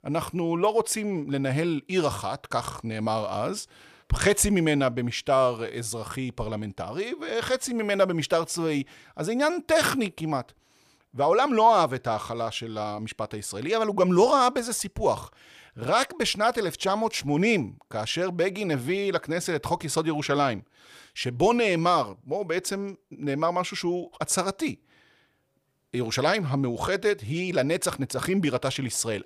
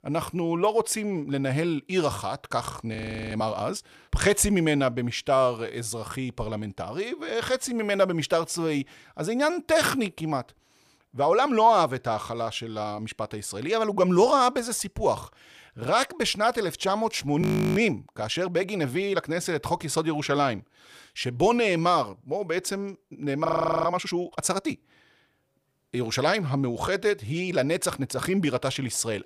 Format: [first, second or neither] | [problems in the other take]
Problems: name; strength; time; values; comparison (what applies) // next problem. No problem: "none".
first | audio freezing; at 3 s, at 17 s and at 23 s